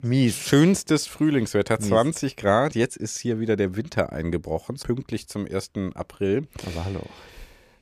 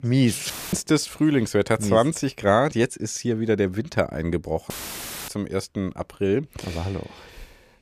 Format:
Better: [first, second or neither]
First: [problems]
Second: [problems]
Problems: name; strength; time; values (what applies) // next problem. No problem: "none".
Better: first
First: none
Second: audio cutting out; filled with static; at 0.5 s and at 4.5 s for 0.5 s